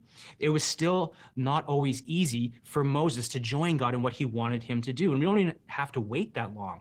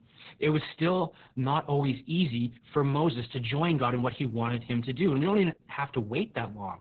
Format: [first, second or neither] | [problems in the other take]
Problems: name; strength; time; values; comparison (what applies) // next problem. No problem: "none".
first | garbled, watery; badly; nothing above 4 kHz; slightly in the first